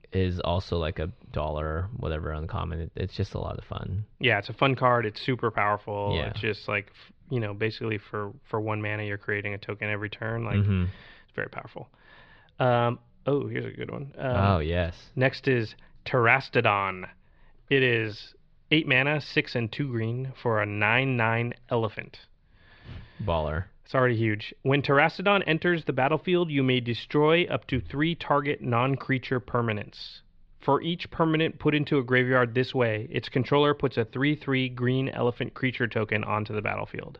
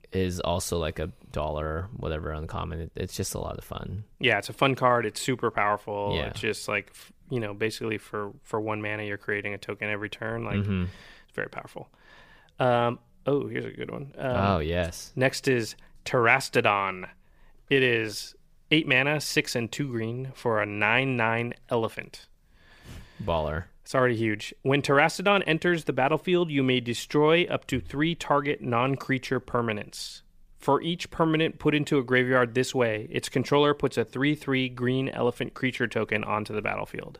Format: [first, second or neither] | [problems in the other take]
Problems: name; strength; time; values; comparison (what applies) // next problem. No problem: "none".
second | muffled; very slightly; fading above 4.5 kHz